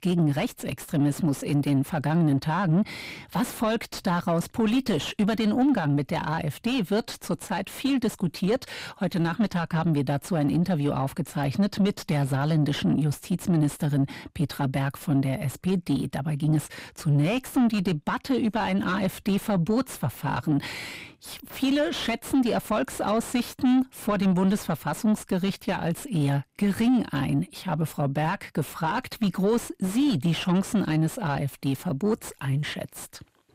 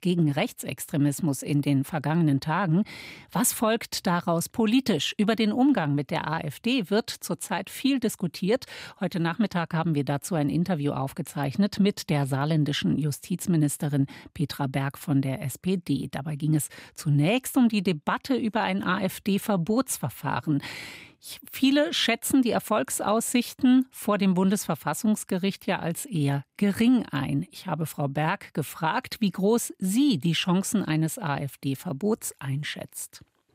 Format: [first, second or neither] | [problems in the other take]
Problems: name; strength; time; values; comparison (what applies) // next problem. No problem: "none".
second | distortion; slight; 10 dB below the speech